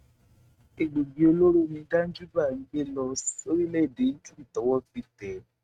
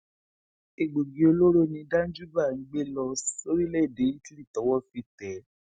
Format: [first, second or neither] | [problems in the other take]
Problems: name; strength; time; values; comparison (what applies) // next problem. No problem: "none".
second | noise reduction (neural mask model RNNoise)